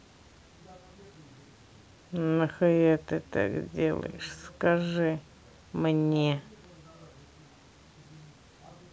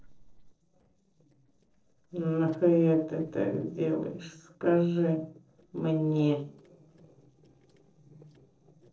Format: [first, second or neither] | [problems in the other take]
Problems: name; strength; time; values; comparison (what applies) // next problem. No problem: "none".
first | noise reduction (neural separator model SepFormer DNS4)